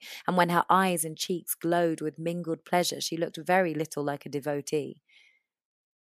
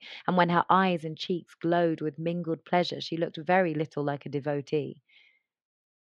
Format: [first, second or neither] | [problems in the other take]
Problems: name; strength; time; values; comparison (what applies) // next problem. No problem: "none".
first | muffled; very slightly; fading above 4 kHz